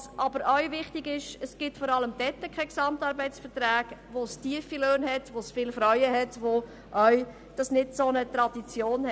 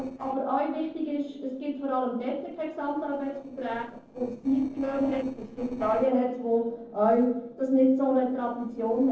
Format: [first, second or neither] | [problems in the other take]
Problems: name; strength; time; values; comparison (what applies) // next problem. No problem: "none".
first | noise reduction (neural separator model SepFormer DNS4)